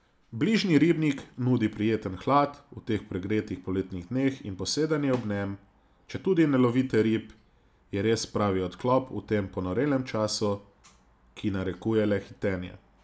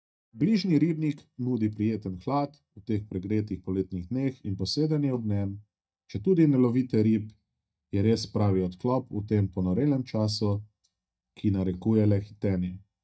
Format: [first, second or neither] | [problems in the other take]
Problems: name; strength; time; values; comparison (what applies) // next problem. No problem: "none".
first | noise reduction (neural mask model DeepFilterNet 3)